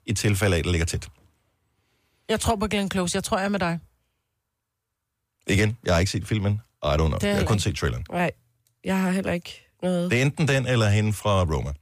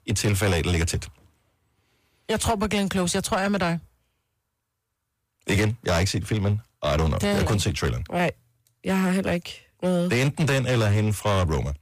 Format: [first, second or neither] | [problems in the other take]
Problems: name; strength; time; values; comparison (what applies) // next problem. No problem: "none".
first | distortion; slight; 11% of the sound clipped